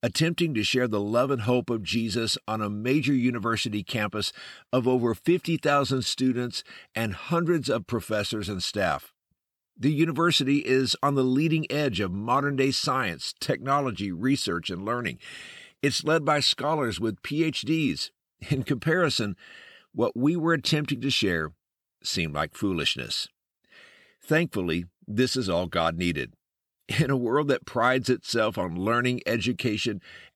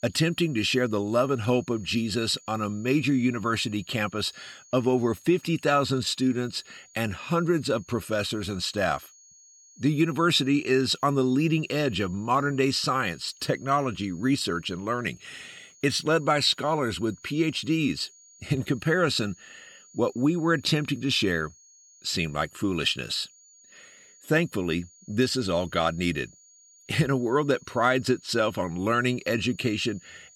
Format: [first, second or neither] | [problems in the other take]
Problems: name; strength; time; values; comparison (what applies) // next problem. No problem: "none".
first | high-pitched whine; faint; throughout; 6.5 kHz, 25 dB below the speech